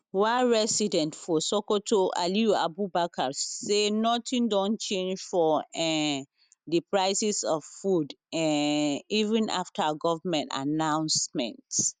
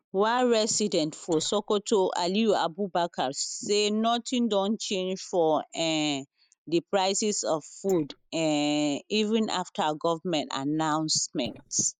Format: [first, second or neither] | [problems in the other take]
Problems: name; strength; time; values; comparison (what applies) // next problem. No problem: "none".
first | noise reduction (neural mask model Resemble Enhance denoiser)